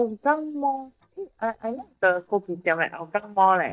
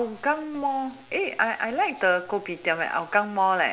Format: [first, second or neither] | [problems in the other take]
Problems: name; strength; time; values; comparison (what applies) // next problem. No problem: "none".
second | noise reduction (neural mask model DeepFilterNet 3)